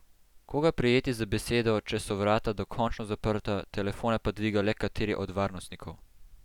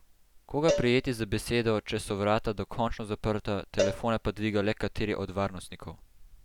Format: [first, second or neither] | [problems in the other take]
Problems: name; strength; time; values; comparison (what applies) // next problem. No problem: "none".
first | background sound (Cowbell); 7 dB below the speech